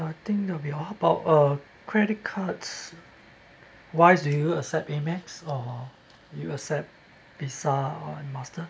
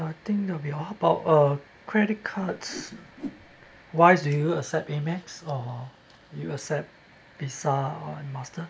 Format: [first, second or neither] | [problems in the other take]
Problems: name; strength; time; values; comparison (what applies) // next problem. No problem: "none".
first | background sound (Whoosh, swoosh, swish); 15 dB below the speech